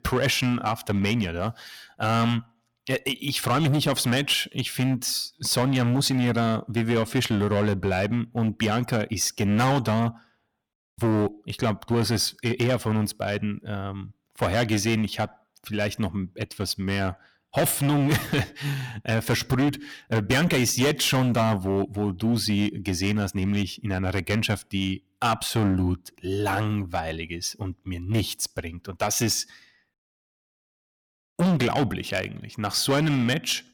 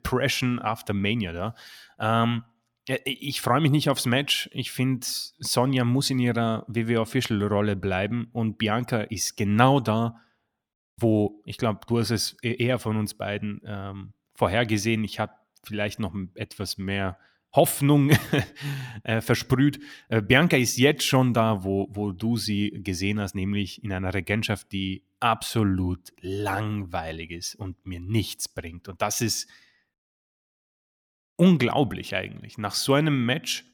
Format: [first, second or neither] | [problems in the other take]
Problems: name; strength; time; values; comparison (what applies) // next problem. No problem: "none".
second | distortion; heavy; 9% of the sound clipped